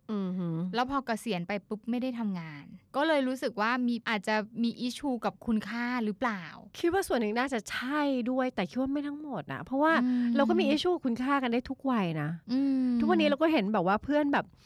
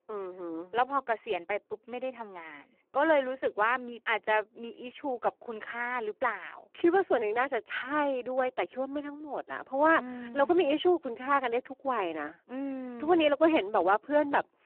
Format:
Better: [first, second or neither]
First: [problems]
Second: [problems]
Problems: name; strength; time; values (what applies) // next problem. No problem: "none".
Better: first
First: none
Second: phone-call audio; poor line